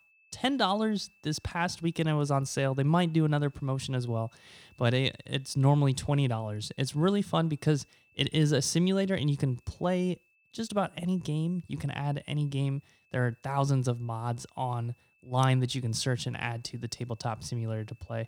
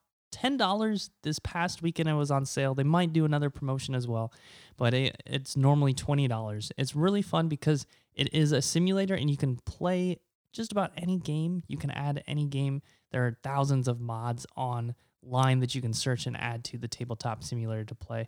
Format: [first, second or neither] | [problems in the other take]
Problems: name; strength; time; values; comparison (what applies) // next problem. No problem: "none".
second | high-pitched whine; faint; throughout; 2.5 kHz, 35 dB below the speech